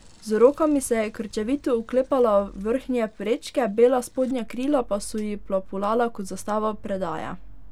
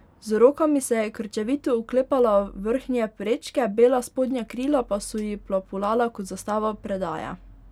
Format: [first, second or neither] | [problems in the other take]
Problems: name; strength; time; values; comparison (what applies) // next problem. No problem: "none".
second | background sound (Mechanisms / Bicycle); 17 dB below the speech